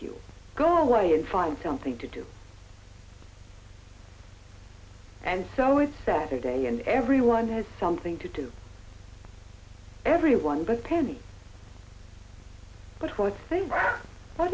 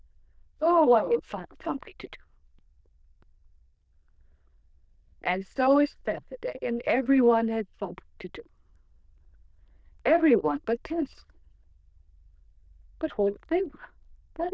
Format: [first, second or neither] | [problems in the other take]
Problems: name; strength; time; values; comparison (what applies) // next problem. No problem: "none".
first | noise reduction (neural diffusion model UNIVERSE++)